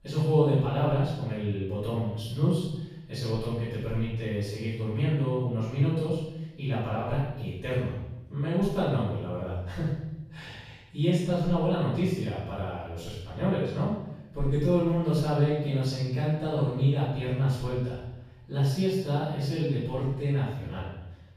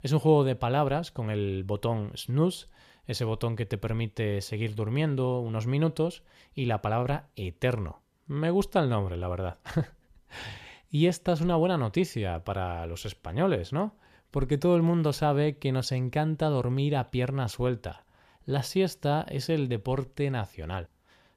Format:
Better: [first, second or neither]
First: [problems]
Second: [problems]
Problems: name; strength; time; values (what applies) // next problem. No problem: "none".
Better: second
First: off-mic speech; far // room echo; strong; dies away in 0.9 s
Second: none